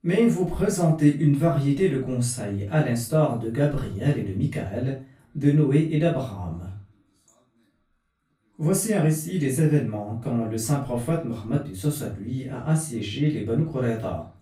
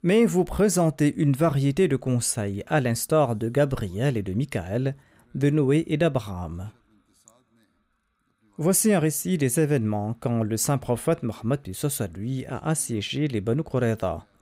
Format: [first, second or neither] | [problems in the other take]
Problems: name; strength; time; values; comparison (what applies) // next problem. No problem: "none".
second | off-mic speech; far // room echo; slight; dies away in 0.3 s